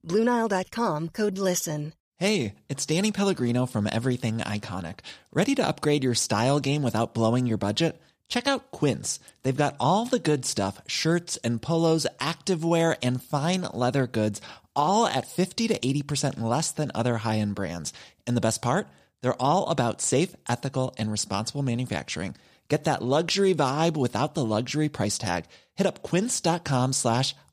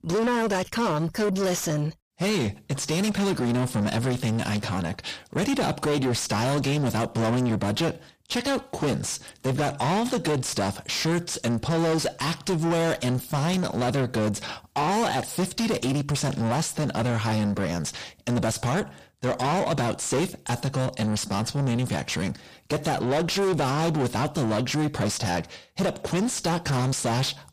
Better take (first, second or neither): first